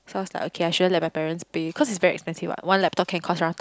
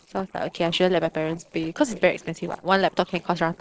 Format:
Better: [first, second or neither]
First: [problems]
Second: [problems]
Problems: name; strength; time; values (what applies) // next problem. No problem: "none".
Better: first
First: none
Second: noise reduction (neural separator model SepFormer DNS4)